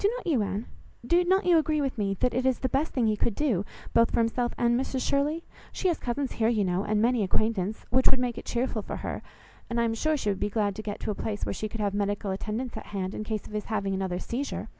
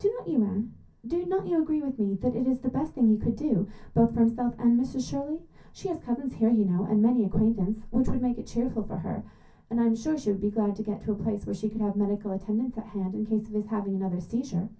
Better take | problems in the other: first | room echo; dies away in 0.3 s

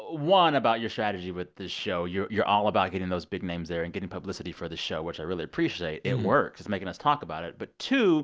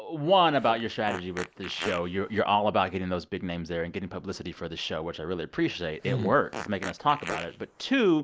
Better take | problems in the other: first | noise reduction (neural mask model Resemble Enhance denoiser)

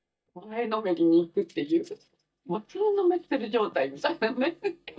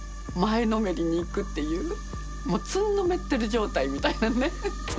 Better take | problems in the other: second | noise reduction (neural mask model DeepFilterNet 3)

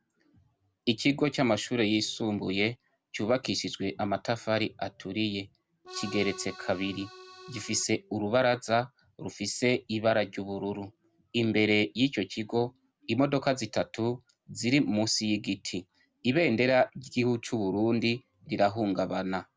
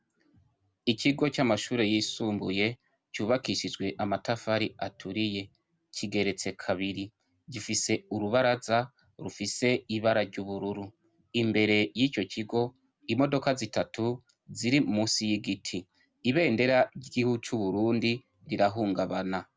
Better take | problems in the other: second | background sound (Accordion); 16 dB below the speech

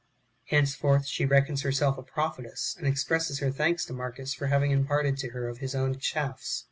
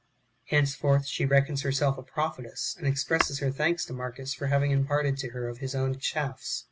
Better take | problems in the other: first | background sound (Tap / Hammer); 11 dB below the speech

